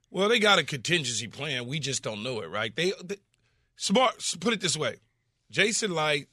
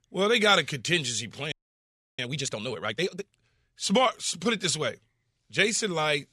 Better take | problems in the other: first | audio freezing; at 1.5 s for 0.5 s

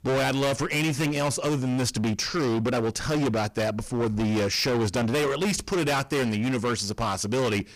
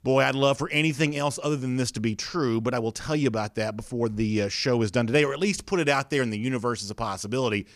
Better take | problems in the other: second | distortion; heavy; 28% of the sound clipped

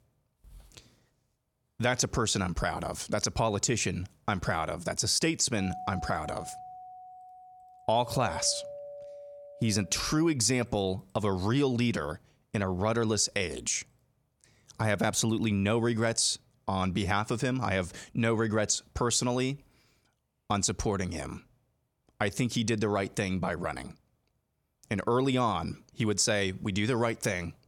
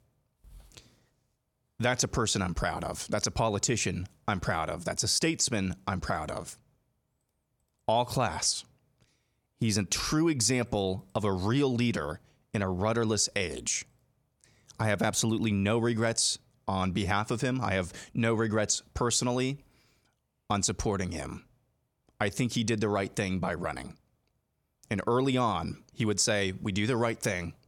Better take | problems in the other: second | doorbell; faint; from 5.5 to 10 s; peak 10 dB below the speech

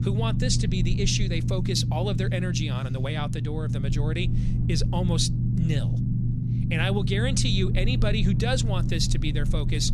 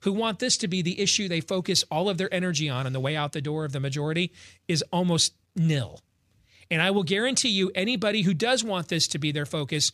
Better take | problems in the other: second | low rumble; loud; throughout; 7 dB below the speech

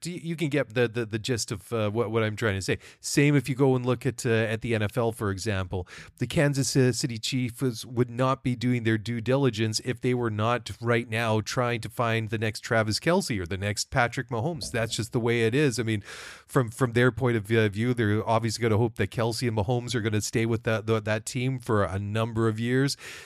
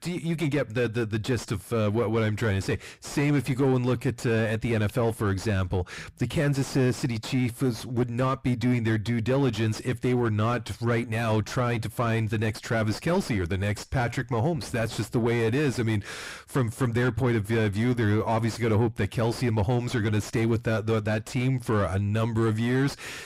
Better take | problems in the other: first | distortion; heavy; 8 dB below the speech

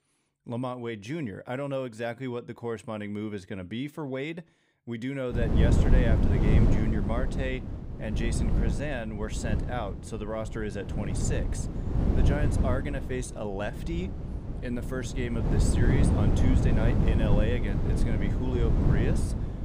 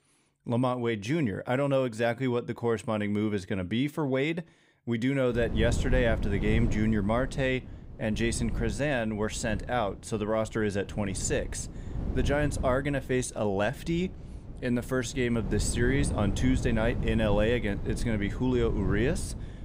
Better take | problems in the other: second | wind noise on the microphone; heavy; from 5.5 s on; 1 dB below the speech; occasional gusts in the second

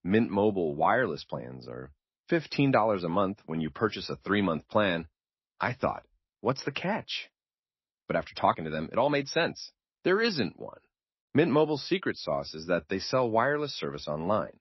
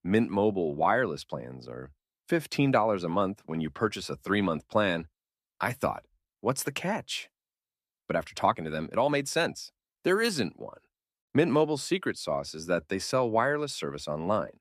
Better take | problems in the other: second | garbled, watery; slightly; nothing above 5.5 kHz

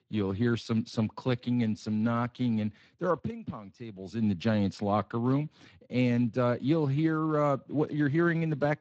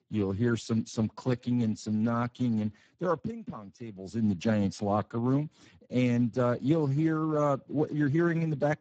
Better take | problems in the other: first | garbled, watery; badly; nothing above 8 kHz; slightly in the first

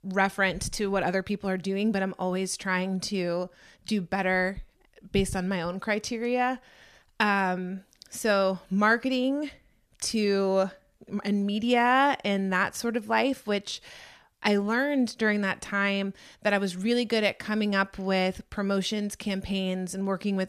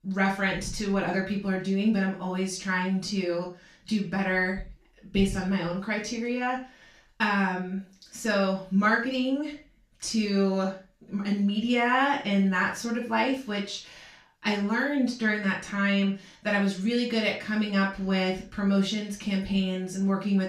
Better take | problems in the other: first | room echo; noticeable; dies away in 0.3 s // off-mic speech; far

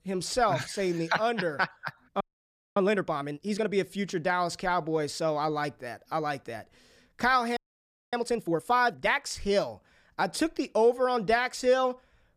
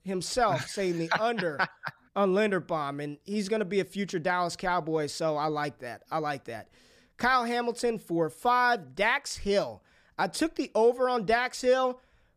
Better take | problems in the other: second | audio freezing; at 2 s for 0.5 s and at 7.5 s for 0.5 s

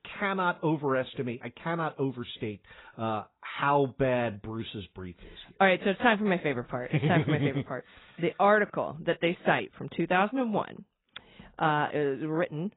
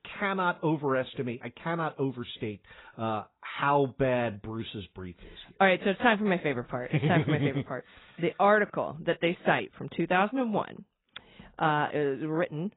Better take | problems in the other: neither | garbled, watery; badly; nothing above 4 kHz; the same in both

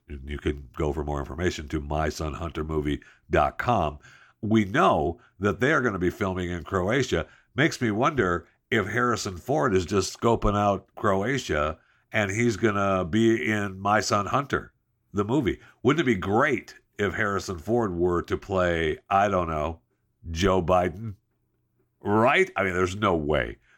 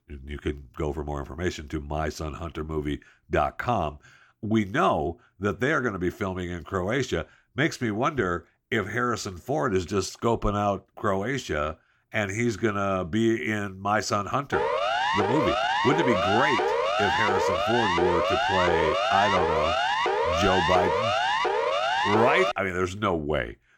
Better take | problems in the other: first | siren; loud; from 15 to 23 s; peak 4 dB above the speech

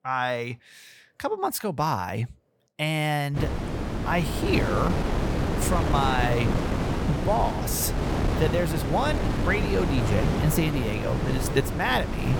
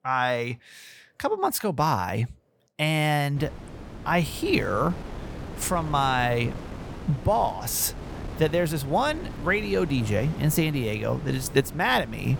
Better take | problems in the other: second | wind noise on the microphone; heavy; from 3.5 s on; 4 dB below the speech; occasional gusts in the second

